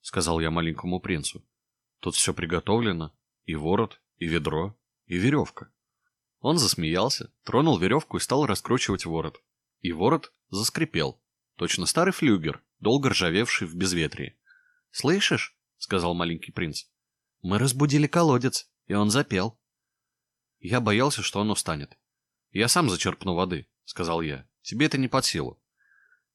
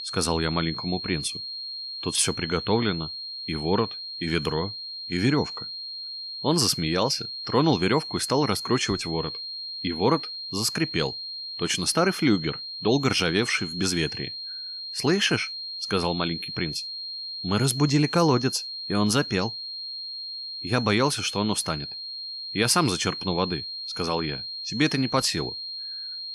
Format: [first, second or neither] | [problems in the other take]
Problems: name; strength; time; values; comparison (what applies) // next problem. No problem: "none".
first | high-pitched whine; loud; throughout; 4 kHz, 7 dB below the speech